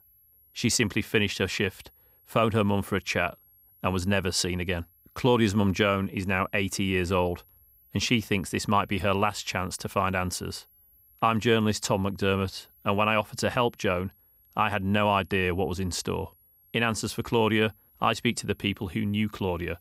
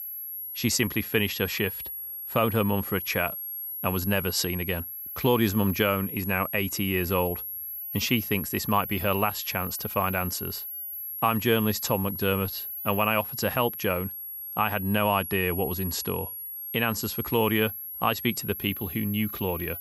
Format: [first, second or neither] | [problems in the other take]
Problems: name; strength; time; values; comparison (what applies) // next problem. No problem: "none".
first | high-pitched whine; loud; throughout; 11.5 kHz, 6 dB below the speech; faint in the first